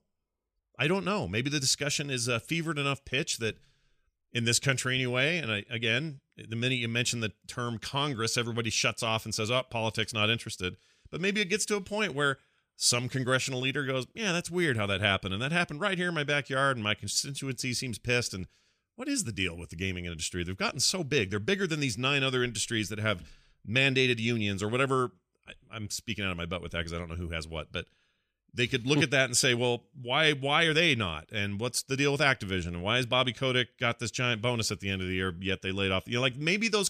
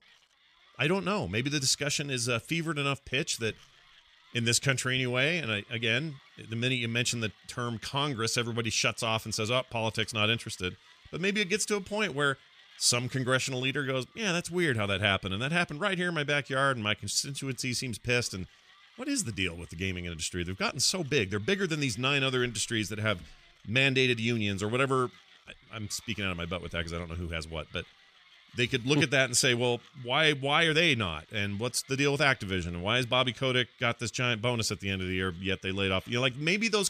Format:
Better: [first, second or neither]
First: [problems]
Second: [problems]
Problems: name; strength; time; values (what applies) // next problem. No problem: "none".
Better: first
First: none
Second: machinery noise; faint; throughout; 30 dB below the speech